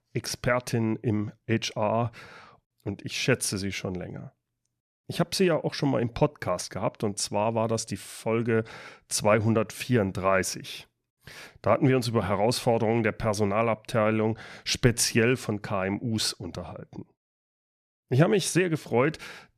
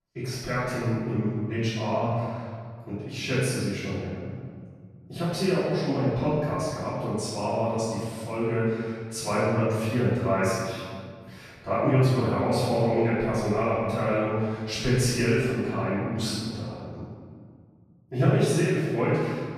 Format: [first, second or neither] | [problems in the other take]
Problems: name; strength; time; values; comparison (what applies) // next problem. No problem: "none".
first | off-mic speech; far // room echo; strong; dies away in 1.9 s